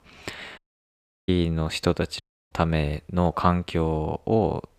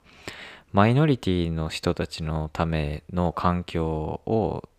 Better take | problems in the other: second | audio cutting out; at 0.5 s for 0.5 s and at 2 s

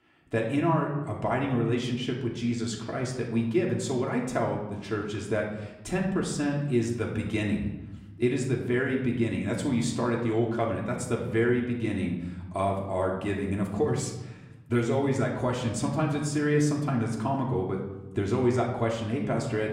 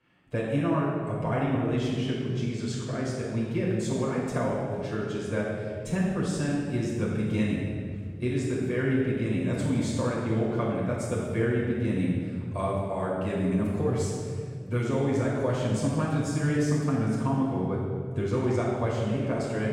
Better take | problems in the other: first | room echo; strong; dies away in 2.4 s; slight in the first // off-mic speech; far; far in the first

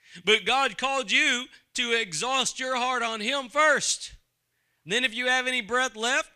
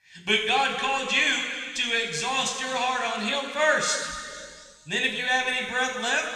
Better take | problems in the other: first | room echo; noticeable; dies away in 2.3 s // off-mic speech; somewhat distant

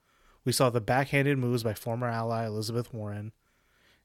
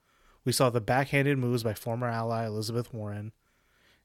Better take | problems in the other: neither | none

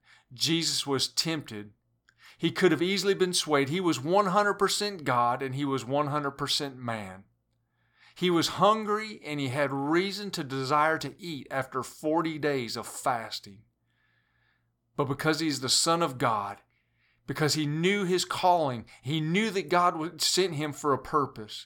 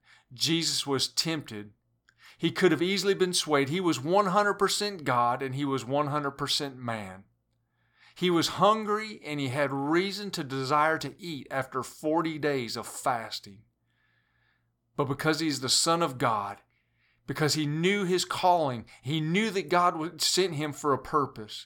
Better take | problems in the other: neither | none

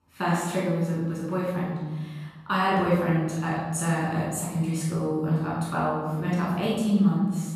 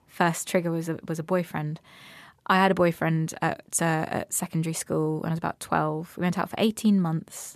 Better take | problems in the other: second | room echo; strong; dies away in 1.4 s // off-mic speech; far

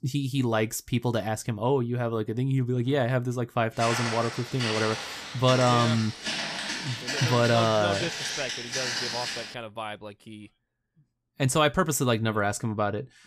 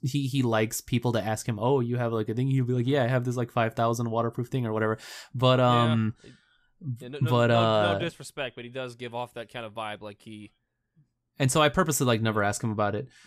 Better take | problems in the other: second | footsteps; noticeable; from 4 to 9.5 s; peak 1 dB below the speech

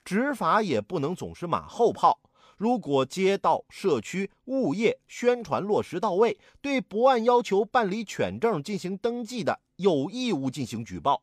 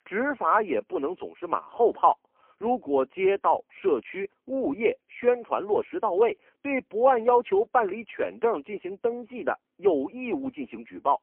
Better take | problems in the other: first | phone-call audio; poor line

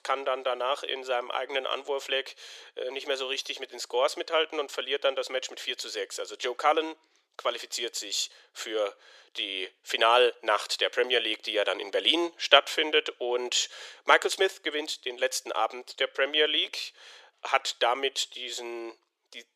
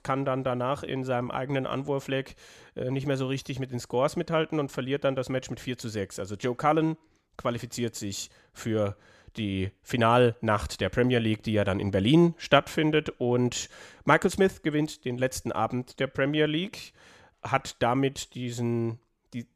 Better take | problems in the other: second | thin; very; fading below 400 Hz

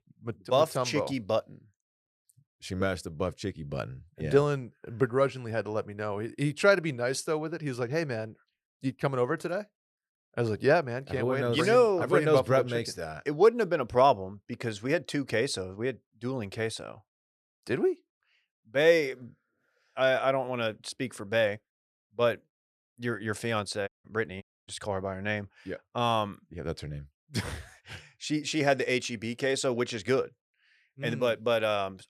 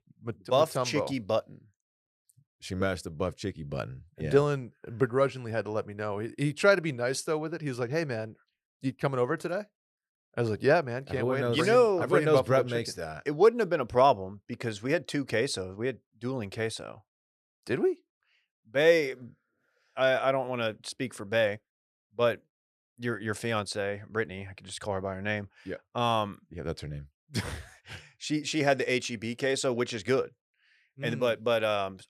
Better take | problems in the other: second | audio cutting out; at 24 s

